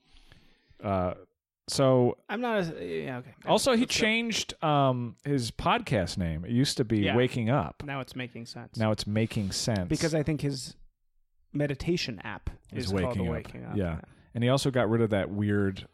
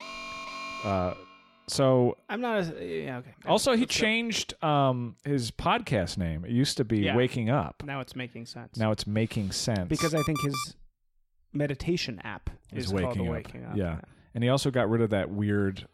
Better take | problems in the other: first | alarm; noticeable; until 1.5 s and at 10 s; peak 5 dB below the speech

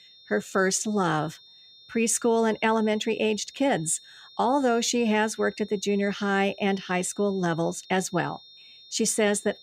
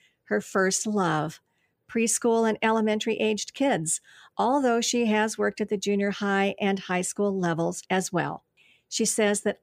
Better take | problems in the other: second | high-pitched whine; faint; throughout; 3.5 kHz, 20 dB below the speech

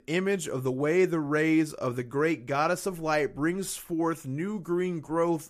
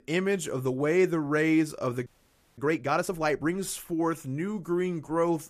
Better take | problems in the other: first | audio freezing; at 2 s for 0.5 s

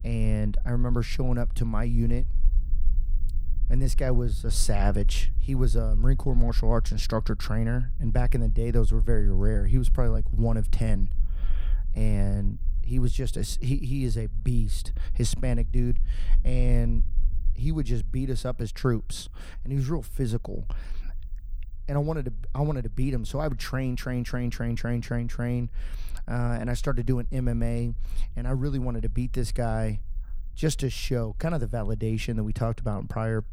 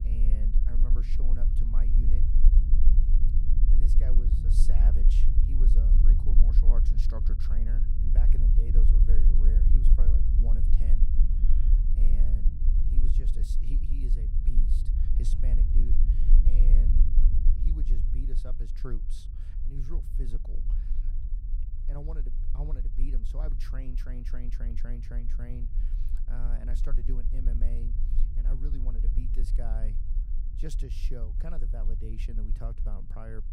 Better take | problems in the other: first | low rumble; loud; throughout; 1 dB below the speech; faint in the first

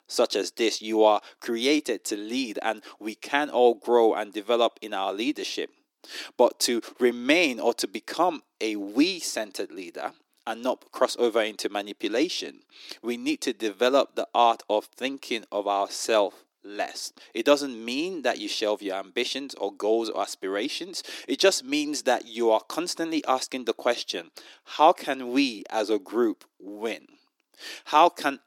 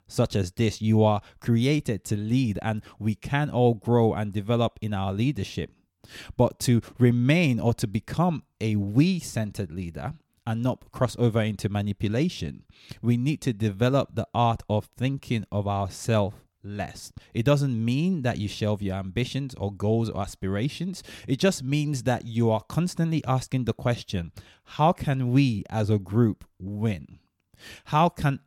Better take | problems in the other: second | thin; somewhat; fading below 300 Hz

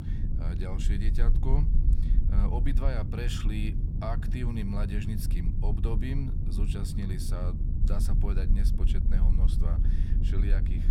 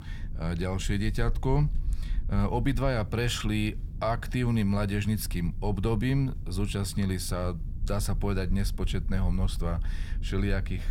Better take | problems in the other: second | low rumble; loud; throughout; 4 dB below the speech; faint in the second

